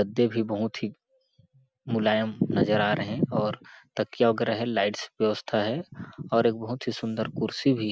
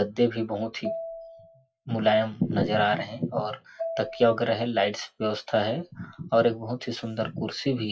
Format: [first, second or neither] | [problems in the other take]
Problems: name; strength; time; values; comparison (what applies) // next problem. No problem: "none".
first | noise reduction (classical method WPE with log-MMSE)